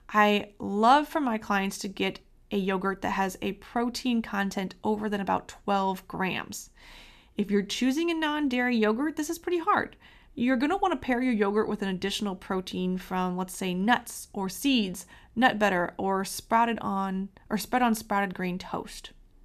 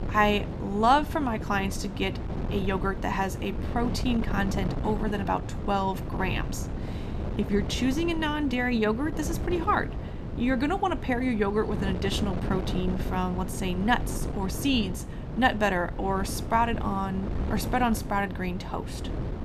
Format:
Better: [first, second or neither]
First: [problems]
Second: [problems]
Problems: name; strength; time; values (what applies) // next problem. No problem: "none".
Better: first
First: none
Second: wind noise on the microphone; occasional gusts; 10 dB below the speech